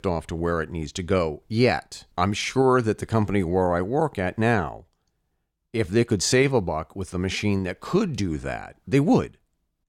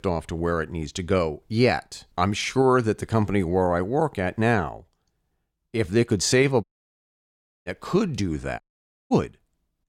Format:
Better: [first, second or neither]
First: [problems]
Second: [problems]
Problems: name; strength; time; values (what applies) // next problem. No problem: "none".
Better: first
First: none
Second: audio cutting out; at 6.5 s for 1 s and at 8.5 s for 0.5 s